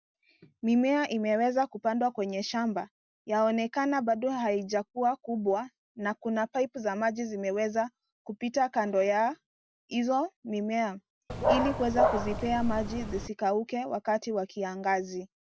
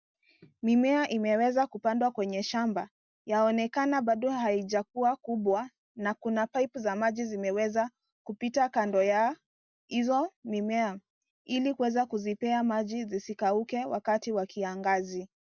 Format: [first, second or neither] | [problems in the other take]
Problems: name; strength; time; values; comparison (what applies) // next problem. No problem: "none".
second | background sound (Dog); 1 dB above the speech